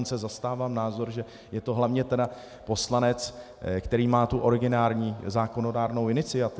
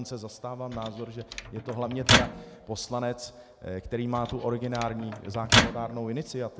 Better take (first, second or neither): first